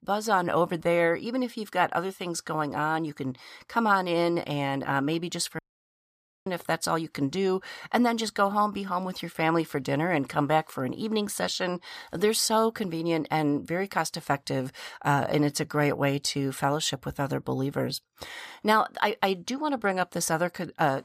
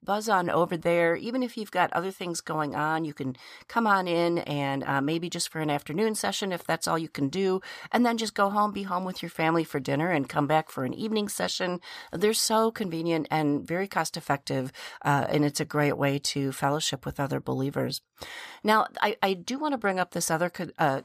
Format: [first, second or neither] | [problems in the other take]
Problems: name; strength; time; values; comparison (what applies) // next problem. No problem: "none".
second | audio cutting out; at 5.5 s for 1 s